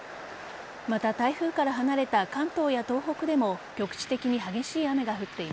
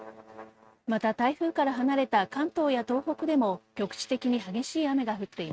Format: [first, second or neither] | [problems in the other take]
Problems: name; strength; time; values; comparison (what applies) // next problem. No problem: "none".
first | noise reduction (neural mask model RNNoise)